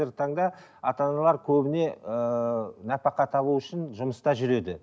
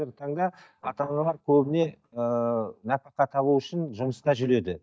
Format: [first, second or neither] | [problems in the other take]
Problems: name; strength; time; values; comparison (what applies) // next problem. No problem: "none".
first | noise reduction (neural mask model DeepFilterNet 3)